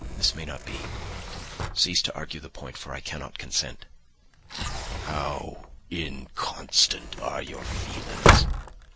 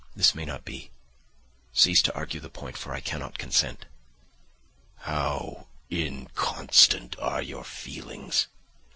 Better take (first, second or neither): second